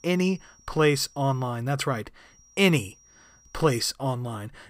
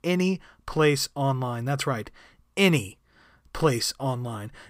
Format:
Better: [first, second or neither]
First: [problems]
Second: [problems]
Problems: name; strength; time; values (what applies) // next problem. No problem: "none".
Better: second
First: high-pitched whine; faint; until 1.5 s and from 2.5 to 4 s; 5.5 kHz, 30 dB below the speech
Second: none